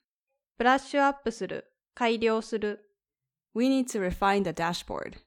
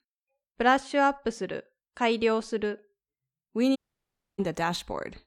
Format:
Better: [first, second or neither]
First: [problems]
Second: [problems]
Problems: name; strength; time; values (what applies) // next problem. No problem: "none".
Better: first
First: none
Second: audio cutting out; at 4 s for 0.5 s